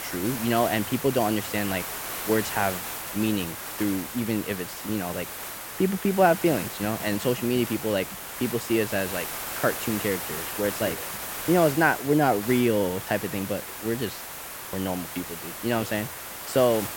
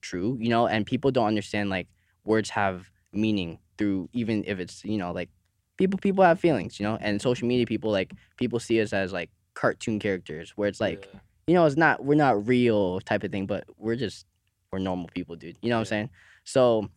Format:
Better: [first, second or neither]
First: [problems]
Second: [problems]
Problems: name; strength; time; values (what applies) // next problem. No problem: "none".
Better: second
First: hiss; loud; throughout; 6 dB below the speech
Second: none